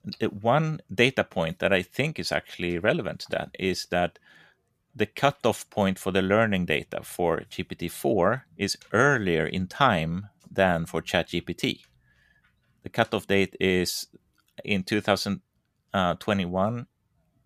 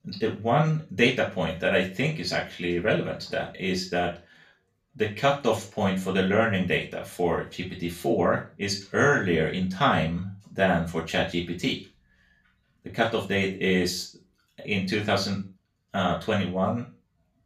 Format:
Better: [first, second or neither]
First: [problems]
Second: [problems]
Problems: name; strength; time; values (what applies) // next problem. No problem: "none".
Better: first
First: none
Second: room echo; slight; dies away in 0.3 s // off-mic speech; far